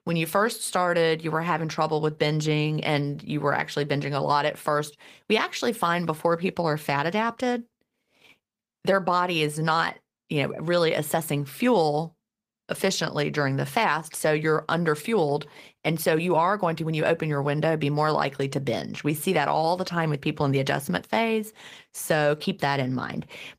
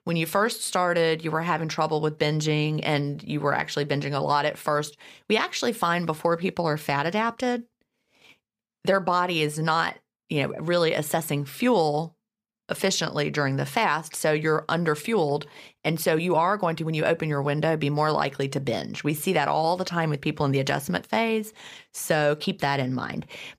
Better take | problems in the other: second | garbled, watery; slightly; nothing above 15 kHz

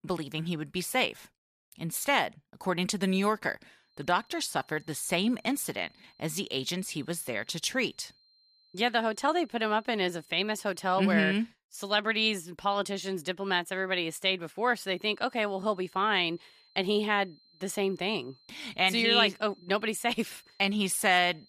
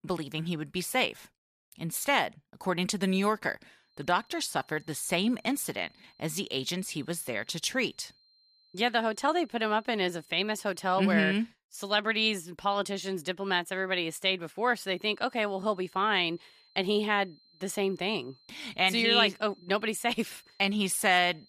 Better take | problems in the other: neither | high-pitched whine; faint; from 4 to 11 s and from 15 s on; 4 kHz, 30 dB below the speech; the same in both

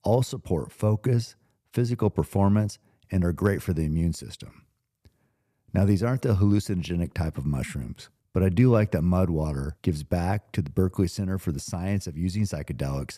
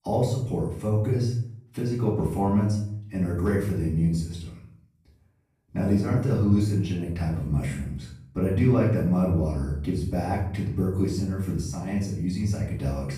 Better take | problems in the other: first | off-mic speech; far // room echo; noticeable; dies away in 0.5 s

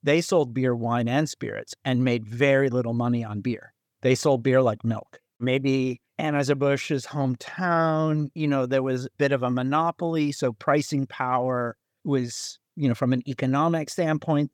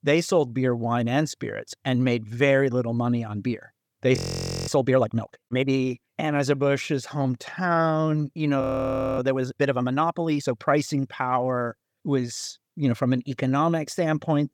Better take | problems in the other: first | audio freezing; at 4 s for 0.5 s and at 8.5 s for 0.5 s

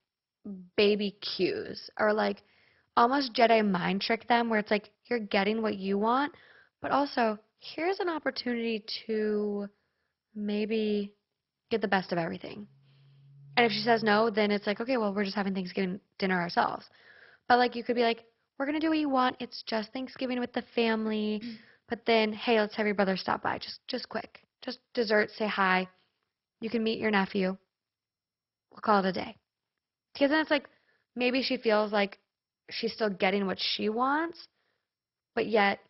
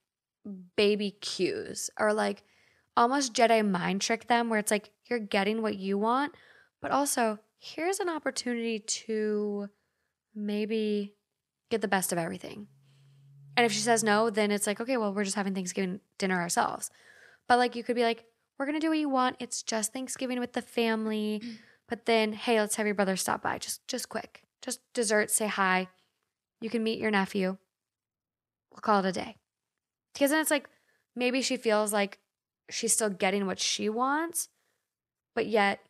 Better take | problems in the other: second | garbled, watery; badly; nothing above 5.5 kHz

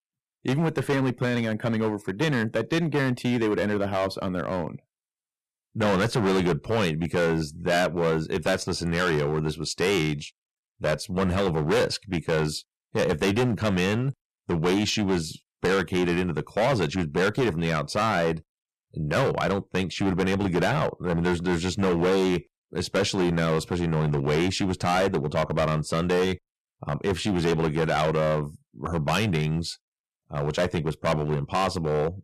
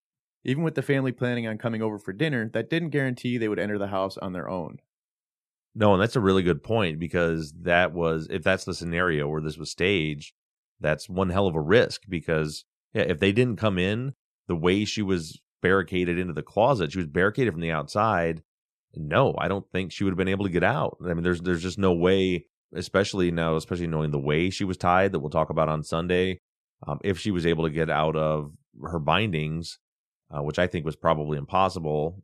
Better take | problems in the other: second | distortion; heavy; 13% of the sound clipped

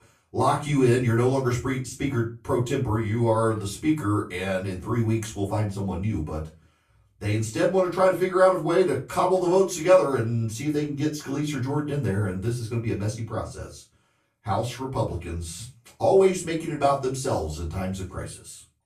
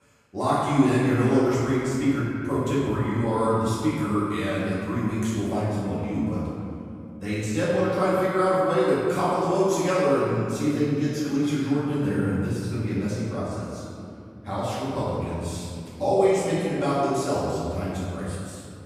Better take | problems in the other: first | room echo; strong; dies away in 2.5 s; slight in the first // off-mic speech; far; far in the first

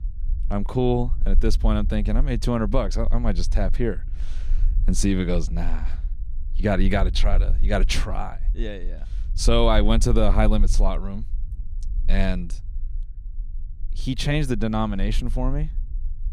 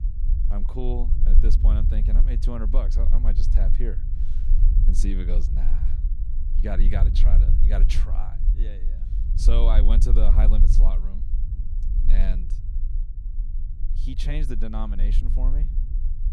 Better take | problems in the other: first | low rumble; loud; throughout; 7 dB below the speech; faint in the first

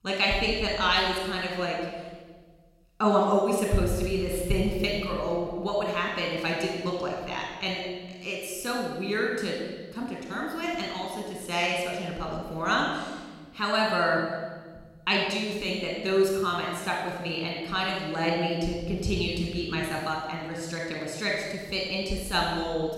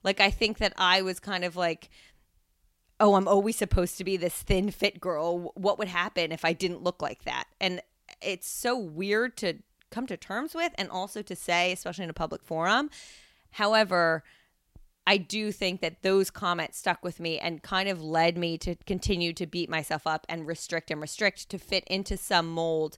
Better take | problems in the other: second | off-mic speech; somewhat distant // room echo; strong; dies away in 1.3 s

